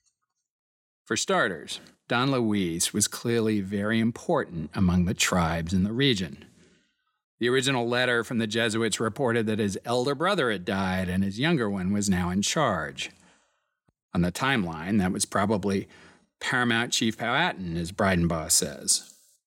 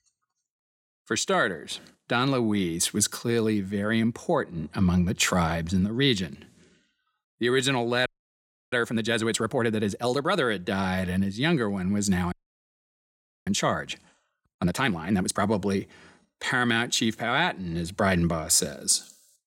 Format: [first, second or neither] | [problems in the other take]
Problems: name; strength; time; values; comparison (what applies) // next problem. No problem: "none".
first | audio freezing; at 8 s for 0.5 s and at 12 s for 1 s